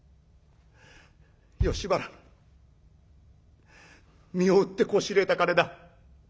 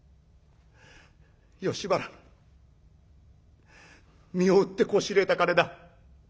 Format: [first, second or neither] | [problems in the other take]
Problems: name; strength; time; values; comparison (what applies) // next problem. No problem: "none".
second | background sound (Bass drum); 7 dB below the speech